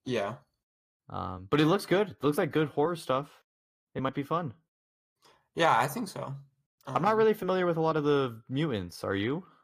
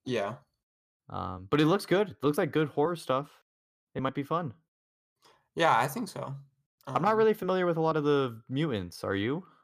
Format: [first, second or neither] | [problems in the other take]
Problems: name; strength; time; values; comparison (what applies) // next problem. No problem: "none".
second | garbled, watery; slightly; nothing above 15 kHz